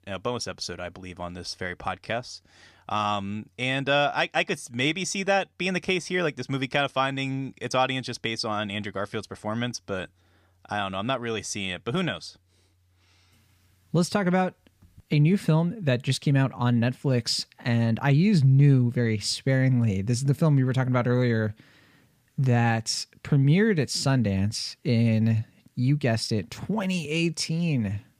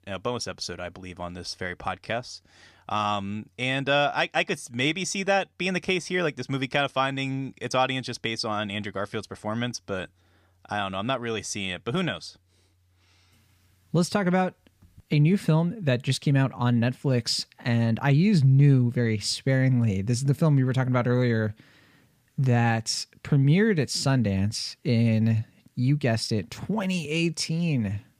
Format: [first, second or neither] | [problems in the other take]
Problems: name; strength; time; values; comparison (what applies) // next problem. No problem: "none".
neither | none